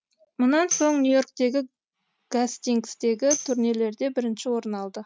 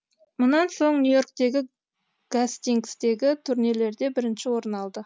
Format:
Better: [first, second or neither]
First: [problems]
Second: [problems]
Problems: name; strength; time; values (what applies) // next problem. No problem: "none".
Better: second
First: noise reduction (neural mask model RNNoise)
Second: none